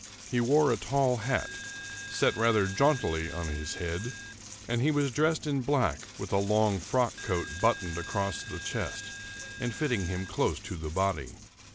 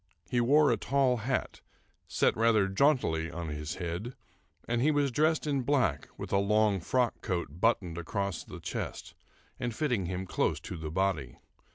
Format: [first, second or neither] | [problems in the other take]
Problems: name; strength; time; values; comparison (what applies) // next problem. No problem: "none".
second | background sound (Coin (dropping)); 13 dB below the speech